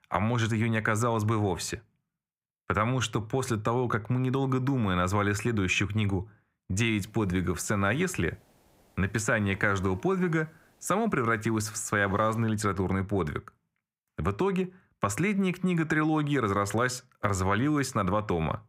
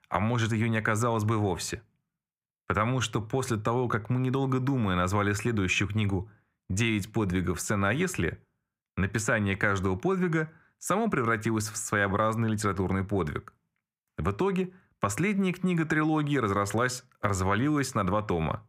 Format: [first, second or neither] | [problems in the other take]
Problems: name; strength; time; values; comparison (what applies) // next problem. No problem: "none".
second | hiss; faint; from 7 to 13 s; 30 dB below the speech